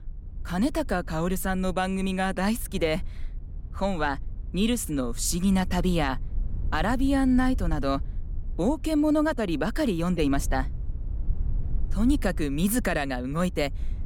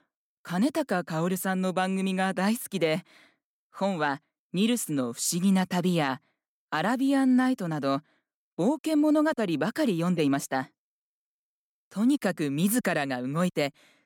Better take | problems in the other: second | low rumble; faint; throughout; 25 dB below the speech

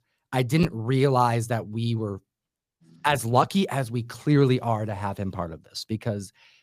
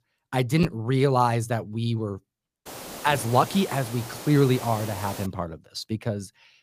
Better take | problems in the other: first | hiss; noticeable; from 2.5 to 5.5 s; 10 dB below the speech

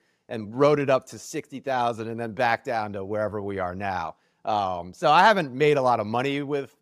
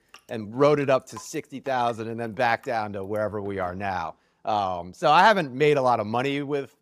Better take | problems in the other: first | rain or running water; faint; throughout; 30 dB below the speech

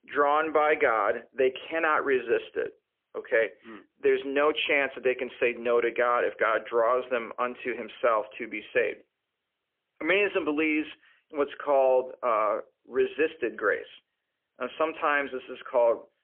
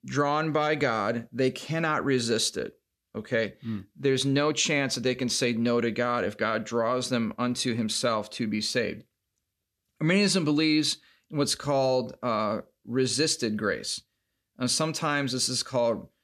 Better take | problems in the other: second | phone-call audio; poor line; nothing above 3 kHz

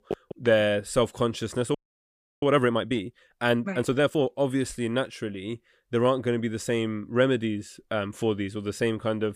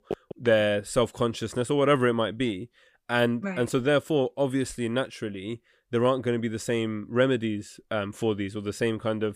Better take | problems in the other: second | audio freezing; at 2 s for 0.5 s

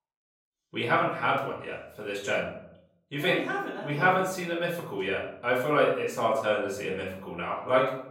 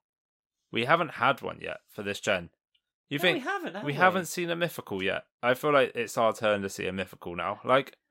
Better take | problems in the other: second | room echo; noticeable; dies away in 0.6 s // off-mic speech; far

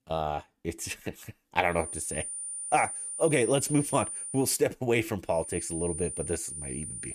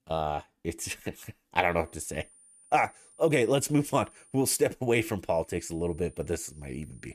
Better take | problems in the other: second | high-pitched whine; loud; from 2 to 4.5 s and from 5.5 s on; 9 kHz, 5 dB below the speech; faint in the second

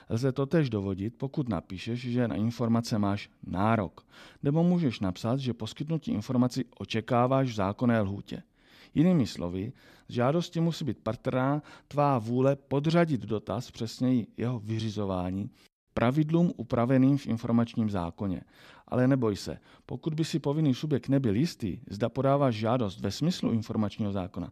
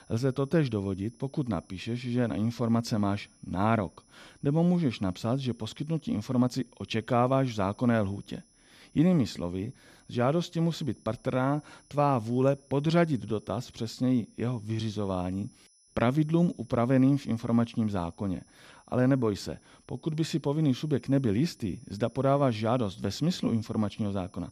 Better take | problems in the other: first | high-pitched whine; faint; throughout; 10 kHz, 30 dB below the speech

